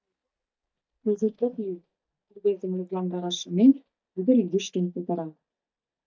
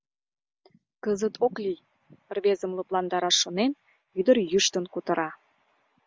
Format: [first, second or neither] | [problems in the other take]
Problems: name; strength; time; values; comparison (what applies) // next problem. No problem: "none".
second | noise reduction (neural mask model DeepFilterNet 3)